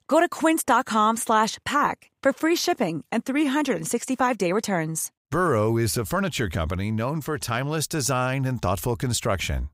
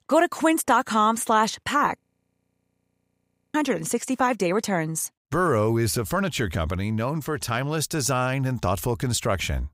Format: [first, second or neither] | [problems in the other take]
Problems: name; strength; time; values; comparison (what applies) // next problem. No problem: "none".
first | audio freezing; at 2 s for 1.5 s